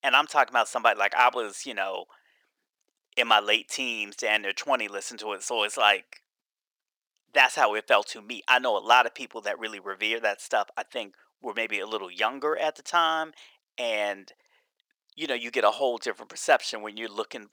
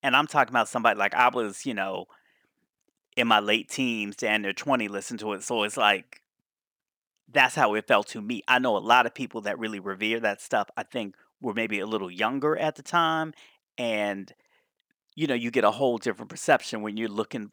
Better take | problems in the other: second | thin; somewhat; fading below 550 Hz

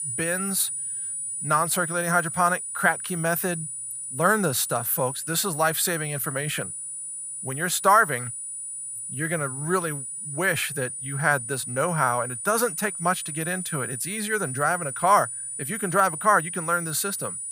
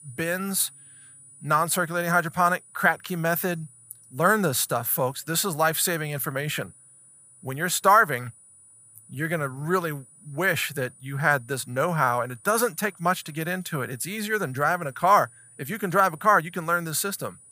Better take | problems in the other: second | high-pitched whine; loud; throughout; 9.5 kHz, 6 dB below the speech; faint in the second

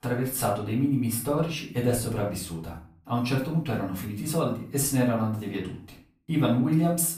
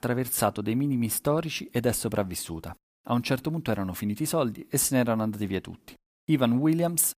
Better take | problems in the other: second | off-mic speech; far // room echo; slight; dies away in 0.4 s

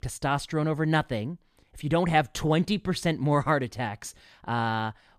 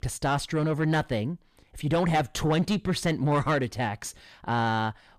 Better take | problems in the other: first | distortion; slight; 10 dB below the speech

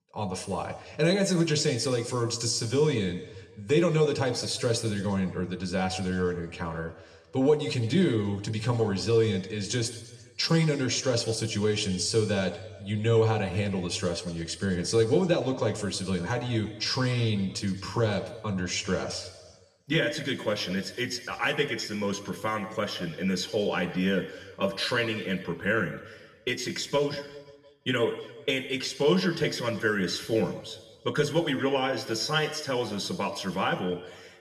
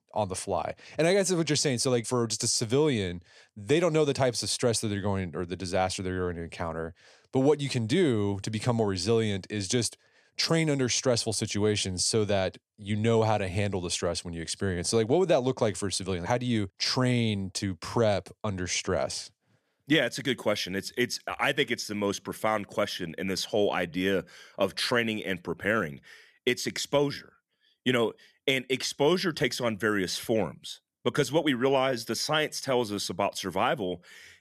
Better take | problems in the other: second | room echo; slight; dies away in 1.2 s // off-mic speech; somewhat distant

